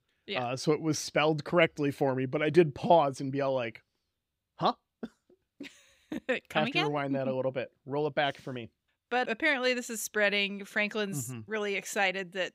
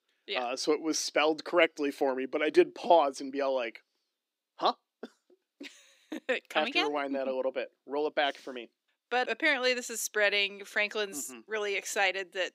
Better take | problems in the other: first | thin; very slightly; fading below 250 Hz

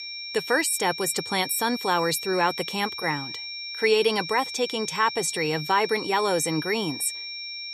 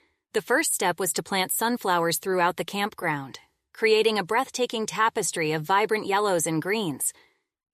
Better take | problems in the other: second | high-pitched whine; loud; throughout; 5.5 kHz, 7 dB below the speech

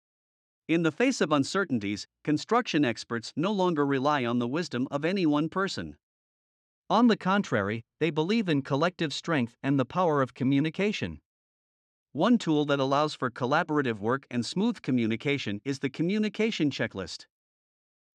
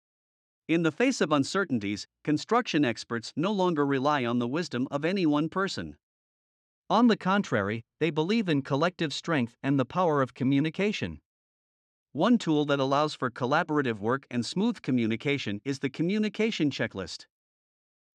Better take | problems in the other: neither | none

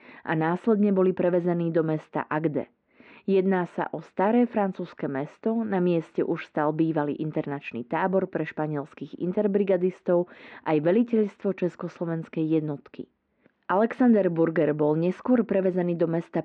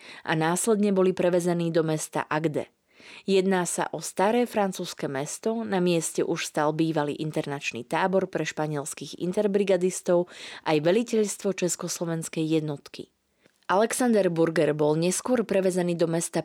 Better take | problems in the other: second | muffled; very; fading above 2 kHz

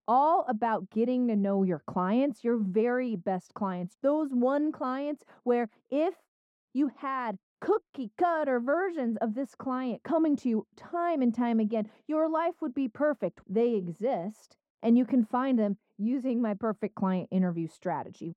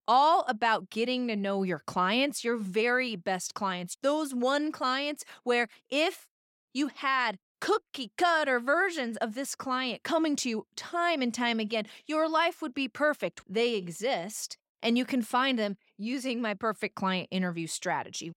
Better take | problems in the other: second | muffled; very; fading above 1.5 kHz

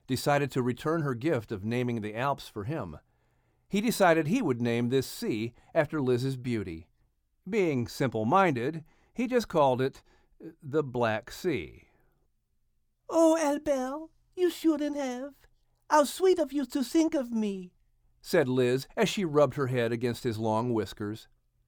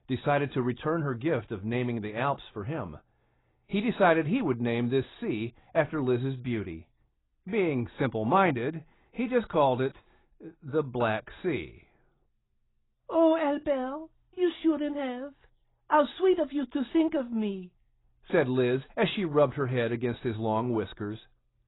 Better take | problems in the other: first | garbled, watery; badly; nothing above 4 kHz

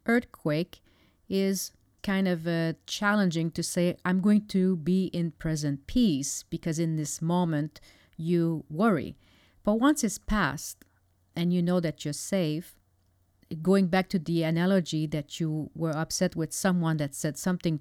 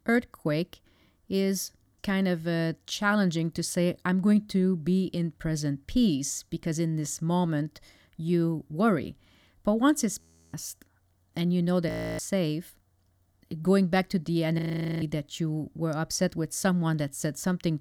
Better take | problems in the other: first | audio freezing; at 10 s, at 12 s and at 15 s

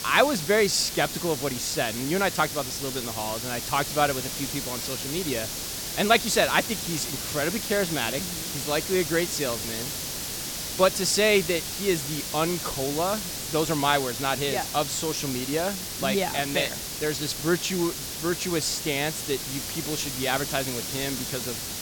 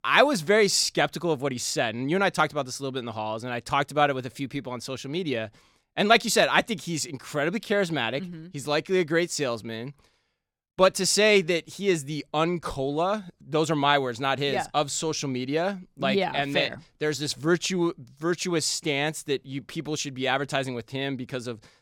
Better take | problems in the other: second | hiss; loud; throughout; 4 dB below the speech

